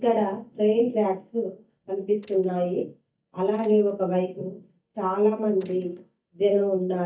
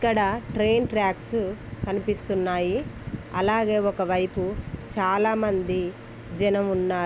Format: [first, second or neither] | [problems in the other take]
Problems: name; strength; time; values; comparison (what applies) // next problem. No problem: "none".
second | noise reduction (neural mask model DeepFilterNet 3)